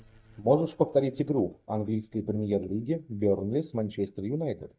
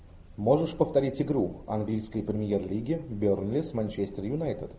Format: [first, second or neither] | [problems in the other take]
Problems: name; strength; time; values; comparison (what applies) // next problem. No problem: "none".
second | noise reduction (neural mask model DeepFilterNet 3)